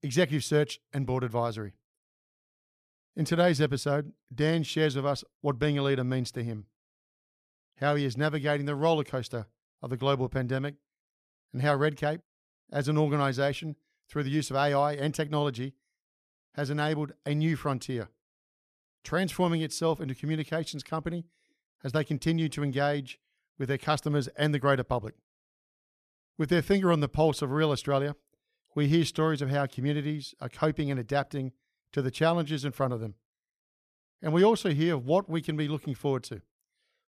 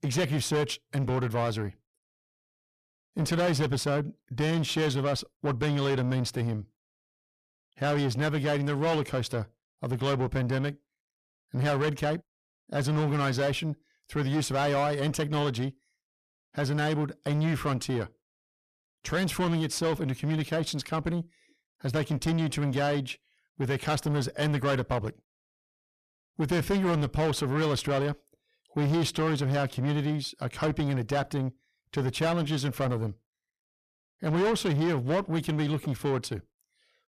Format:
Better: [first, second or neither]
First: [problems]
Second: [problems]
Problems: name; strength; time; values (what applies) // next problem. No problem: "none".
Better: first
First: none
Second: distortion; heavy; 7 dB below the speech